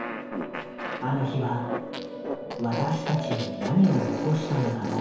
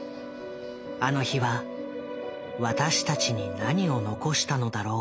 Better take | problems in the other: second | background sound (Fart); 6 dB below the speech // room echo; dies away in 1 s

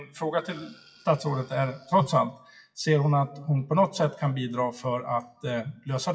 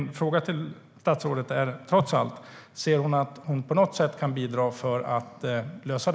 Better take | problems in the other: second | noise reduction (classical method WPE with log-MMSE)

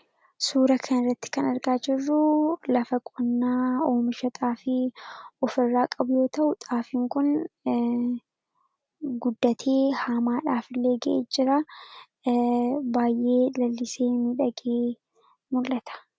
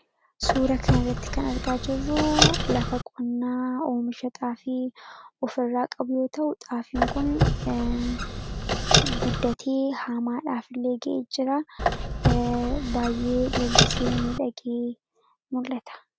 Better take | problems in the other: first | background sound (Squeak); 3 dB above the speech

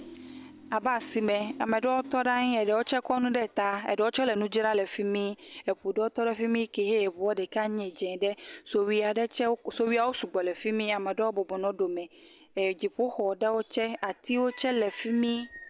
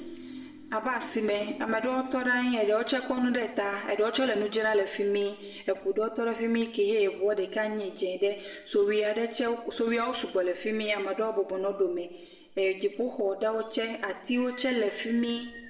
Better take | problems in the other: first | room echo; dies away in 0.7 s

